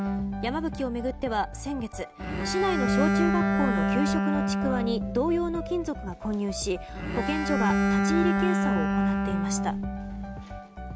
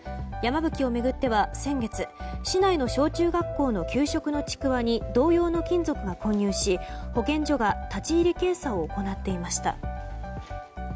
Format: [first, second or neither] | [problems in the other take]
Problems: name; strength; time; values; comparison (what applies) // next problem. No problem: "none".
second | background sound (Bowed string instrument); 2 dB above the speech